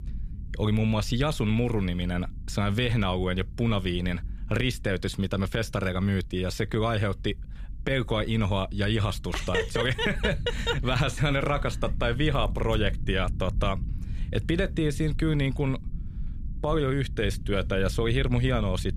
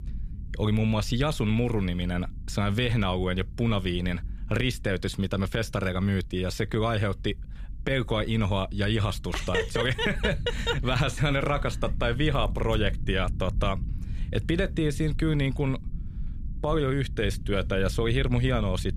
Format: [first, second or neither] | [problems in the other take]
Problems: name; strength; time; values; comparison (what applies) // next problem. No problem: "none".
neither | low rumble; faint; throughout; 20 dB below the speech; the same in both